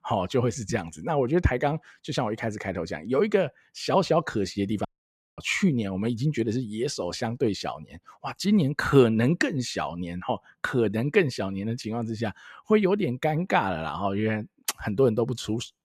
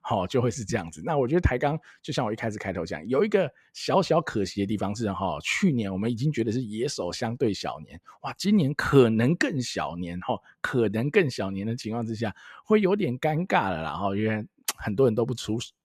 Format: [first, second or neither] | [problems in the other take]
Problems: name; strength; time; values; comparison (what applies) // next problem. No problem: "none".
second | audio cutting out; at 5 s for 0.5 s